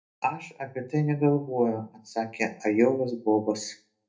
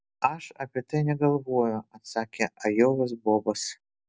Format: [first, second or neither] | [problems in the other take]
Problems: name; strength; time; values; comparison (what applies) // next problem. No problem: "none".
second | room echo; dies away in 0.3 s